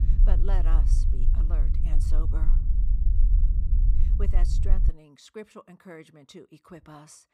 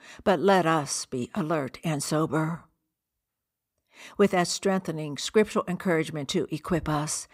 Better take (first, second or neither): second